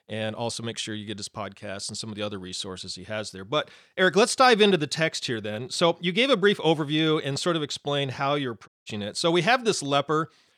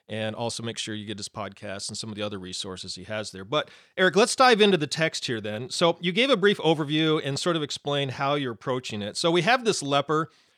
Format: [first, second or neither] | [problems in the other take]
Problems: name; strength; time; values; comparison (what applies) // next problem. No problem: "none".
second | audio cutting out; at 8.5 s